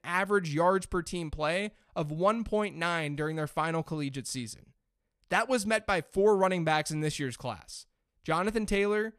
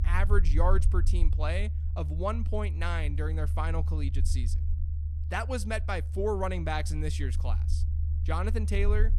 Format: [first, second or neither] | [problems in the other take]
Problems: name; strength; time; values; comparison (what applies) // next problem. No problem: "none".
first | low rumble; noticeable; throughout; 15 dB below the speech